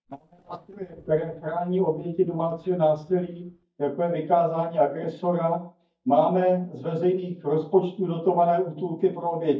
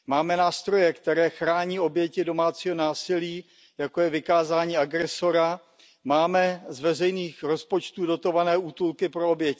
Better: second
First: noise reduction (neural mask model DeepFilterNet 3)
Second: none

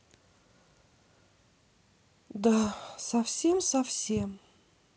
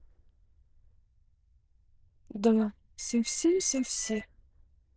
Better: first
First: none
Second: noise reduction (neural diffusion model UNIVERSE++)

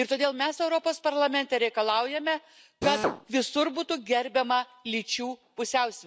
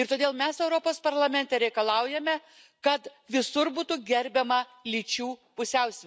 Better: second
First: background sound (Drill); 4 dB below the speech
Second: none

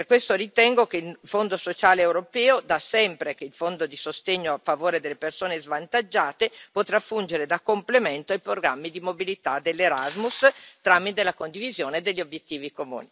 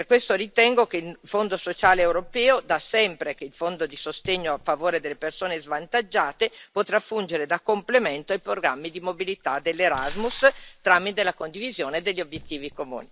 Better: first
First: none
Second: background sound (Fire); 20 dB below the speech

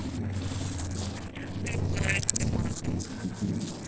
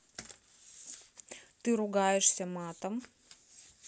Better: second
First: noise reduction (neural separator model SepFormer DNS4)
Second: none

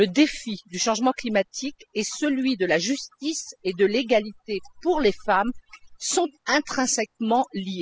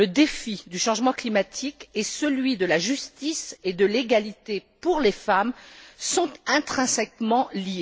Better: second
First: noise reduction (classical method spectral subtraction)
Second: none

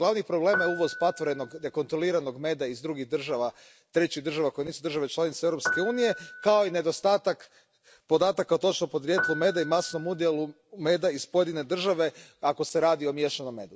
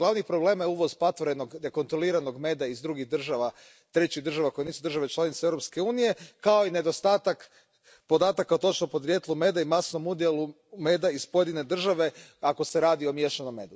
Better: second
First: background sound (Piano); 8 dB below the speech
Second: none

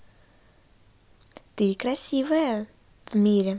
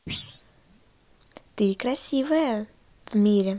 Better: first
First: none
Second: noise reduction (neural mask model Resemble Enhance denoiser)

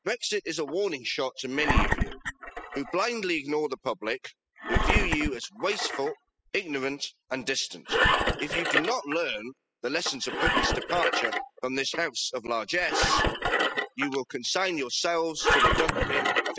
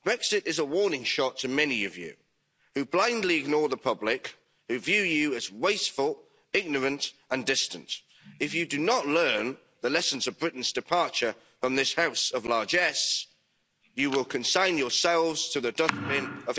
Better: second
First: noise reduction (classical method spectral subtraction)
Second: none

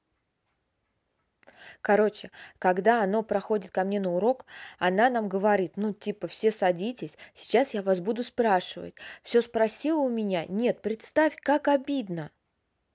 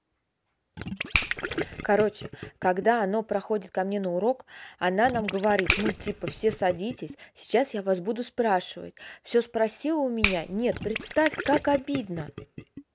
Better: first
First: none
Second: background sound (Gurgling + Finger snapping); 8 dB below the speech

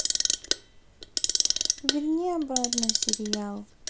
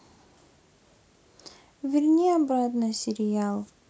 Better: second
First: background sound (Clock); 4 dB above the speech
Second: none

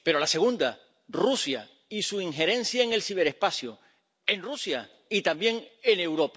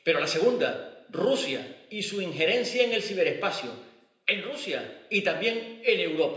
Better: first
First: none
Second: room echo; dies away in 0.9 s

